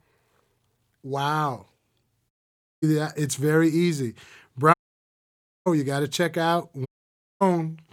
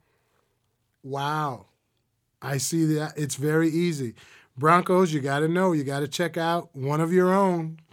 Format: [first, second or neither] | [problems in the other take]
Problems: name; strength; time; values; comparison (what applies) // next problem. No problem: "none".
second | audio cutting out; at 2.5 s for 0.5 s, at 4.5 s for 1 s and at 7 s for 0.5 s